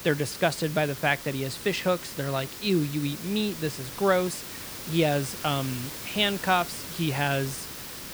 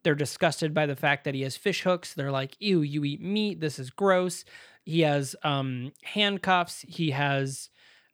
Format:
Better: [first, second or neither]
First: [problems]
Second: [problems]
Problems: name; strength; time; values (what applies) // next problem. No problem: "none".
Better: second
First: hiss; loud; throughout; 9 dB below the speech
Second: none